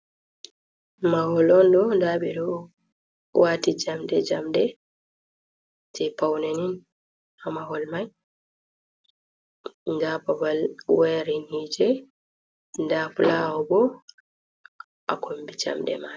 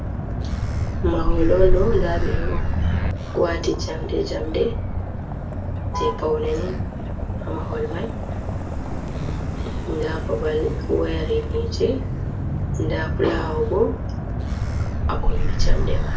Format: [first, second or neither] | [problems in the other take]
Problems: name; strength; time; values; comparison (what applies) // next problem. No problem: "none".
first | background sound (Motor vehicle (road)); 4 dB above the speech // room echo; dies away in 0.3 s